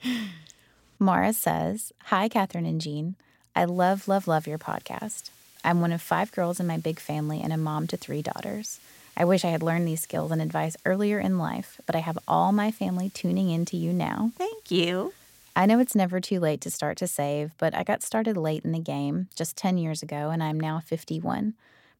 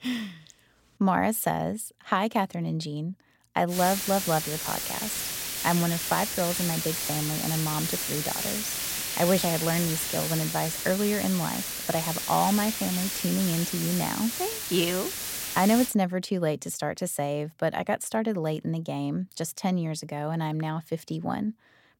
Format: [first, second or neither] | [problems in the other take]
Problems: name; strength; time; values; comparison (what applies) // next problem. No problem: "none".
first | hiss; loud; from 3.5 to 16 s; 1 dB below the speech; faint in the first